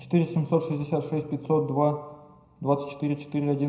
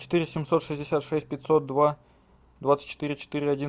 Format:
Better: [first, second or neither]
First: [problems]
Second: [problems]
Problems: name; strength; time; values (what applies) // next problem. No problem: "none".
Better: second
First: room echo; dies away in 0.8 s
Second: none